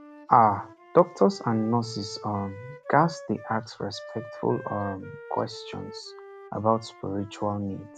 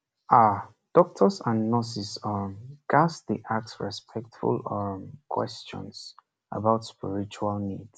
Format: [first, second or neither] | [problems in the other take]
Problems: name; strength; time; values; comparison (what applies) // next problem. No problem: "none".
second | background sound (Wind instrument, woodwind instrument); 18 dB below the speech